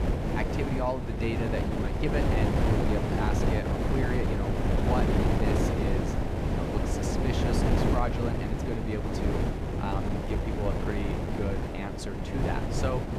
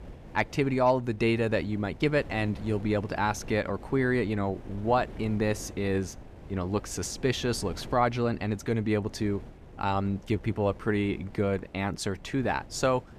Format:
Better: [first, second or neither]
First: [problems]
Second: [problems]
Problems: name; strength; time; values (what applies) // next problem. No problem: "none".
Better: second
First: wind noise on the microphone; heavy; 3 dB above the speech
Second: wind noise on the microphone; occasional gusts; 20 dB below the speech